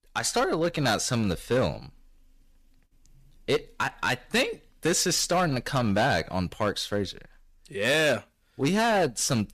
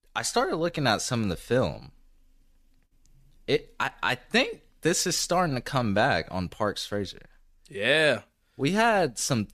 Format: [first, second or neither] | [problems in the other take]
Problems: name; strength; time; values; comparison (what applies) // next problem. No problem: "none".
second | distortion; slight; 7% of the sound clipped